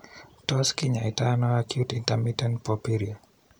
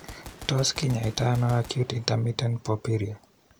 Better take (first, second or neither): first